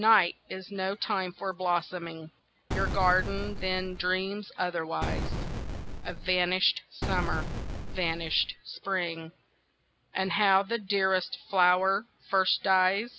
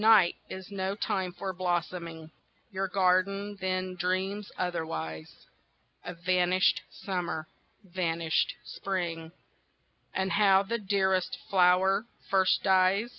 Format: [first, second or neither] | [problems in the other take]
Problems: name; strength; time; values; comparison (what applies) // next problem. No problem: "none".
second | background sound (Boom); 4 dB below the speech